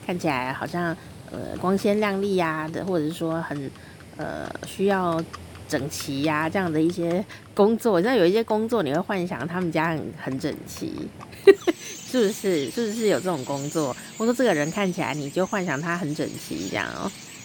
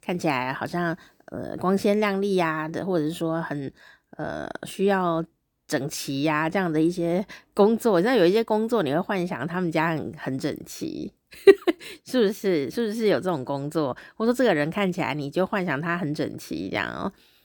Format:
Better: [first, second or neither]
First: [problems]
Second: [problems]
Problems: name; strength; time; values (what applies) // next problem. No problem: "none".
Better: second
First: animal sounds; noticeable; throughout; 15 dB below the speech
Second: none